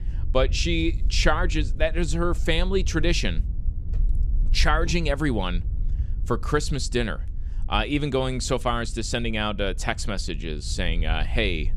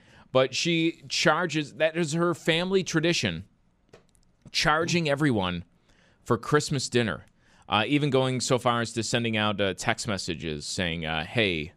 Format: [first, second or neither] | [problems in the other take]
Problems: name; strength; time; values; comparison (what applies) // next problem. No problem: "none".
second | low rumble; faint; throughout; 25 dB below the speech